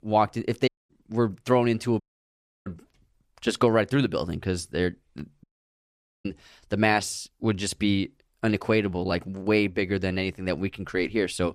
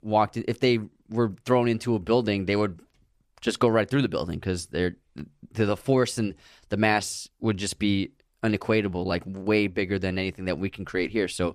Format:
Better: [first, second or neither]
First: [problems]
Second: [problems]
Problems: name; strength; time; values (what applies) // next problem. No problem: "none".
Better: second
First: audio cutting out; at 0.5 s, at 2 s for 0.5 s and at 5.5 s for 1 s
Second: none